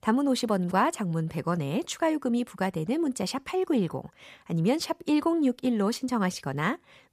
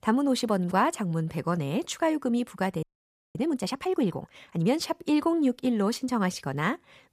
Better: first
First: none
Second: audio freezing; at 3 s for 0.5 s

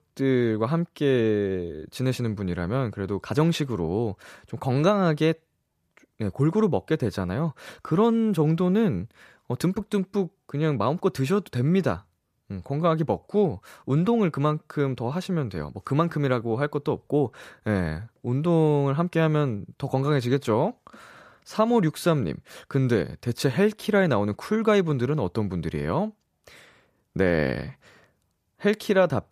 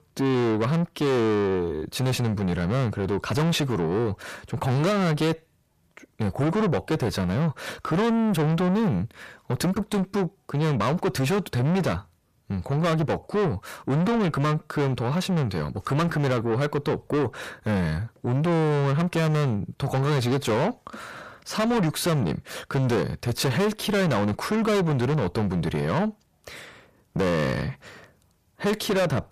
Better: first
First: none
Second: distortion; heavy; 6 dB below the speech

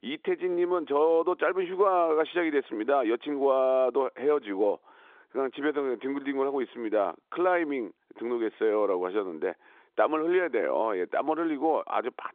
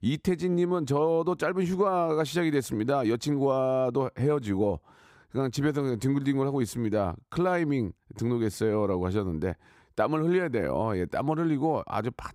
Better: second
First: phone-call audio; nothing above 3.5 kHz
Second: none

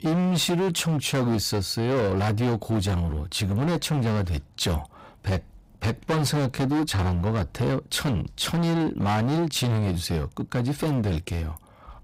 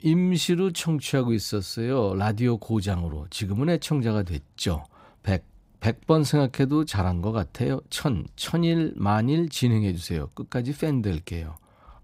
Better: second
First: distortion; heavy; 24% of the sound clipped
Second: none

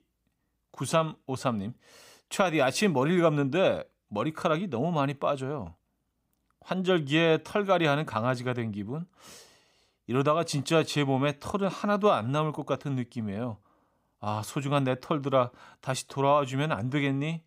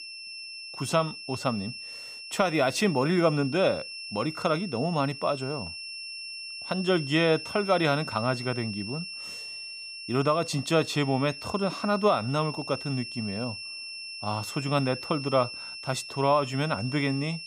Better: first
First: none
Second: high-pitched whine; loud; throughout; 5.5 kHz, 9 dB below the speech

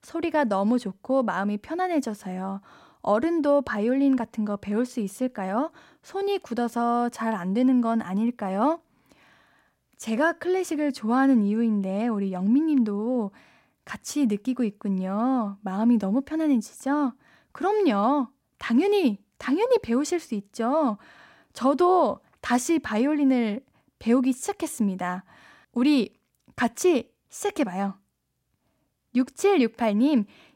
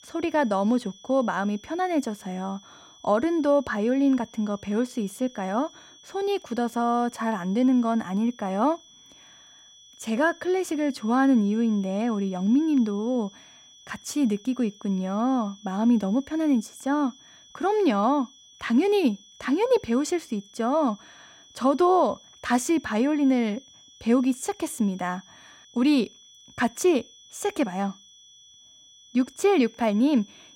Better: first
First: none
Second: high-pitched whine; faint; throughout; 3.5 kHz, 25 dB below the speech

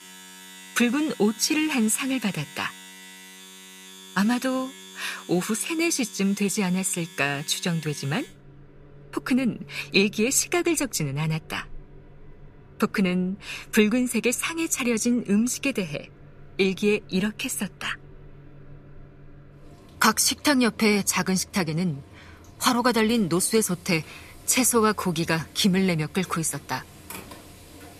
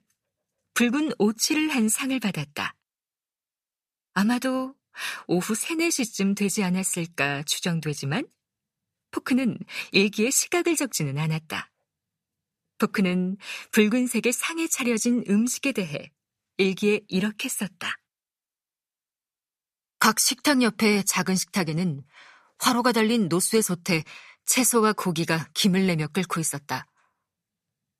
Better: second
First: household noises; faint; throughout; 20 dB below the speech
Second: none

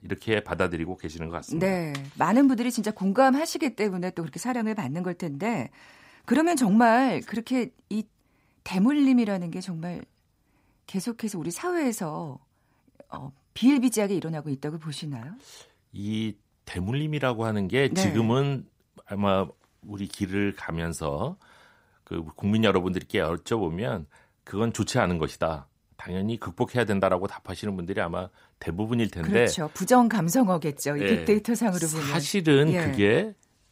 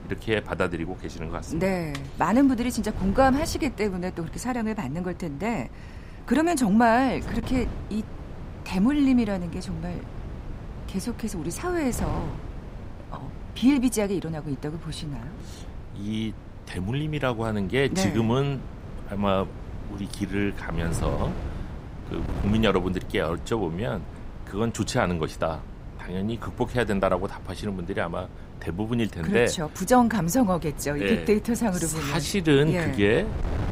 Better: first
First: none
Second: wind noise on the microphone; occasional gusts; 20 dB below the speech

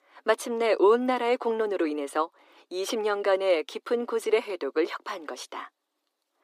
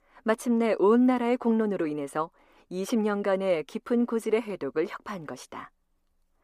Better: second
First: thin; somewhat; fading below 300 Hz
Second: none

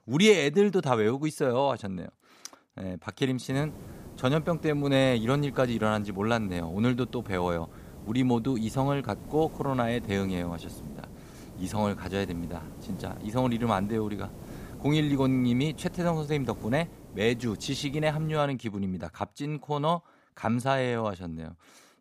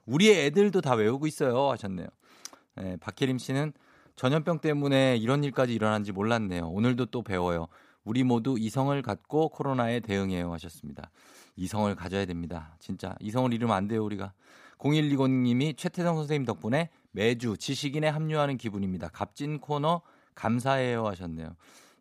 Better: second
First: hiss; noticeable; from 3.5 to 18 s; 15 dB below the speech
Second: none

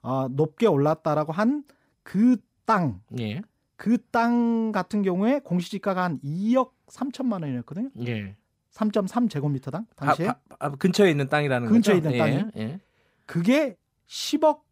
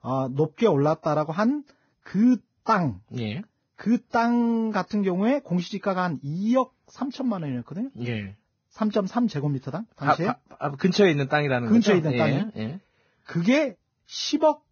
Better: first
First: none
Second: garbled, watery; badly; nothing above 6.5 kHz

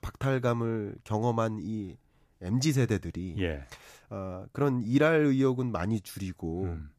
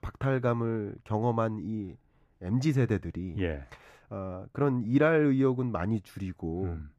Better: first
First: none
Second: muffled; slightly; fading above 3.5 kHz

